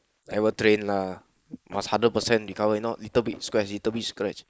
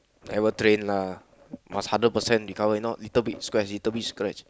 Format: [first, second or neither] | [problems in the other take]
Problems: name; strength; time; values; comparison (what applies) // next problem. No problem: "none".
second | noise reduction (neural mask model Resemble Enhance denoiser)